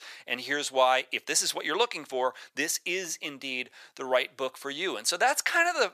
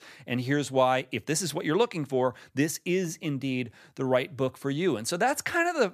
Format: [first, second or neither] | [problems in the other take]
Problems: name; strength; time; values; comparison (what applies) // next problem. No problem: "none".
second | thin; somewhat; fading below 600 Hz